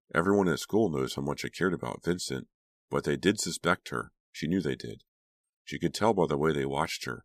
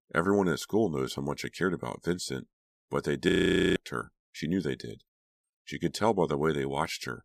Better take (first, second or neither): first